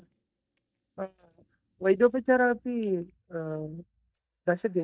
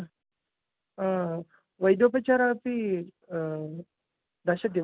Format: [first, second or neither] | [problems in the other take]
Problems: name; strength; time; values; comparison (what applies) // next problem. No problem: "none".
second | noise reduction (neural mask model DeepFilterNet 3)